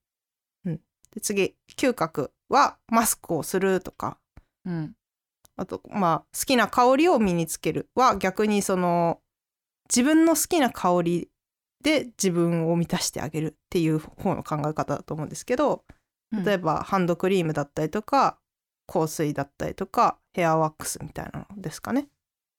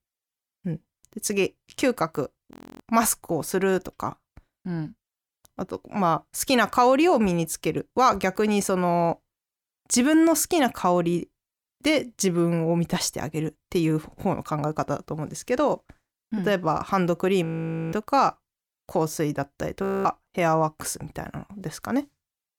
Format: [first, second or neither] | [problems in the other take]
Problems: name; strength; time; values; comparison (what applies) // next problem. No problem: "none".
first | audio freezing; at 2.5 s, at 17 s and at 20 s